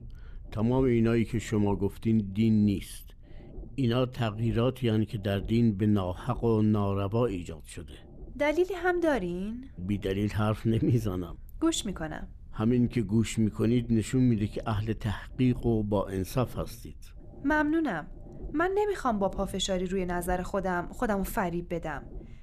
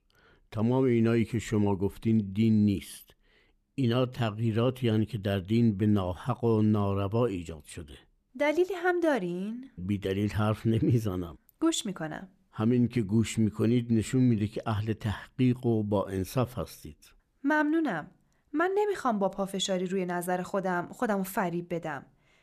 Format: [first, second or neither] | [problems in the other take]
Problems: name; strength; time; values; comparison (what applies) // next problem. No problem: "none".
second | low rumble; faint; throughout; 25 dB below the speech